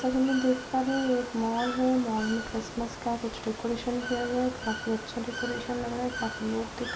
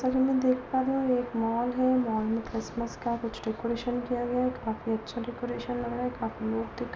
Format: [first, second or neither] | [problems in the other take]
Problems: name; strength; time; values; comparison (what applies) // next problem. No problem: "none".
second | background sound (Water / Bird); 11 dB below the speech